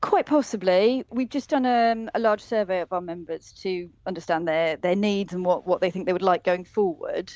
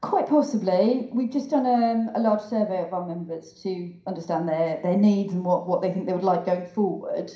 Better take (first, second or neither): first